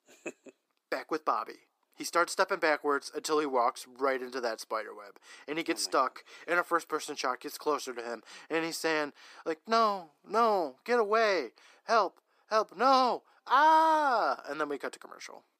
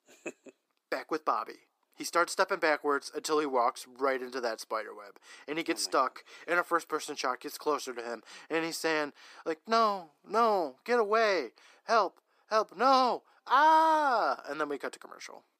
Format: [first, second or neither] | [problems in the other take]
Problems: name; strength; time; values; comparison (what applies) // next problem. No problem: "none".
neither | thin; somewhat; fading below 300 Hz; the same in both